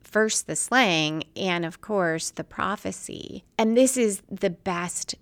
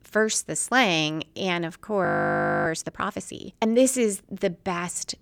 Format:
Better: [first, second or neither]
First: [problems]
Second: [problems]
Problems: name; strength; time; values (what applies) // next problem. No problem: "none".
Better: first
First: none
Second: audio freezing; at 2 s for 0.5 s